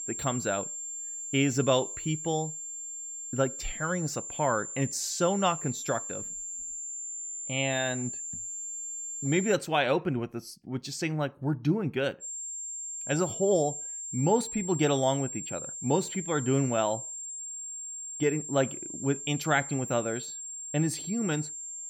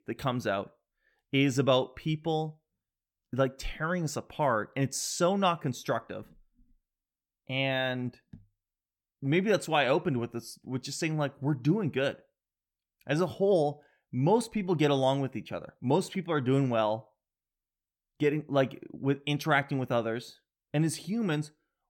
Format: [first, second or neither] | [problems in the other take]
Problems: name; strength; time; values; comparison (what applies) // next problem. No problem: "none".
second | high-pitched whine; loud; until 9.5 s and from 12 s on; 7.5 kHz, 6 dB below the speech